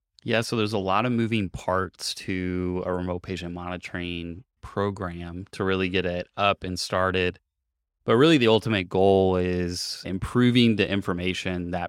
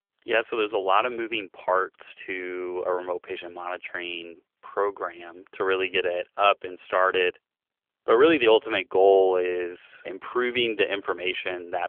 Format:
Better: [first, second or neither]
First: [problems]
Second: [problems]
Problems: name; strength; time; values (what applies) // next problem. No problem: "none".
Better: first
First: none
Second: phone-call audio; nothing above 3.5 kHz